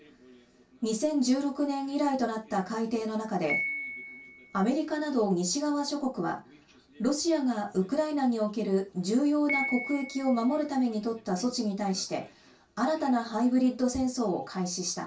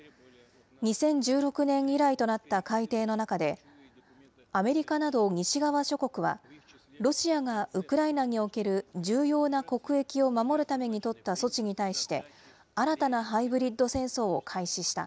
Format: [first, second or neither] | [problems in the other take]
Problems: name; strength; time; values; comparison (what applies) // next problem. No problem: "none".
second | background sound (Piano); 14 dB below the speech // room echo; dies away in 0.2 s